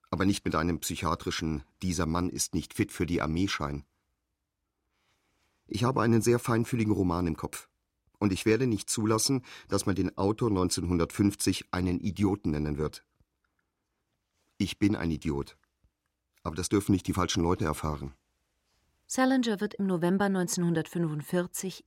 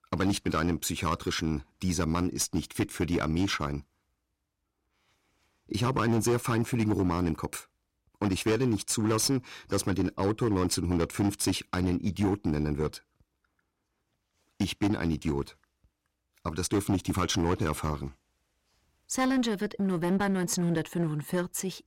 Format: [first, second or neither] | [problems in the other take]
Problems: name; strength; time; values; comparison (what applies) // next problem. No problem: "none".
first | distortion; slight; 8% of the sound clipped